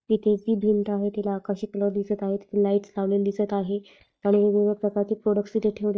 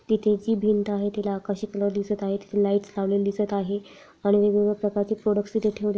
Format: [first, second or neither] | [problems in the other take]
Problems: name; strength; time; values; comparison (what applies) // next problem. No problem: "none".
second | noise reduction (neural mask model DeepFilterNet 3)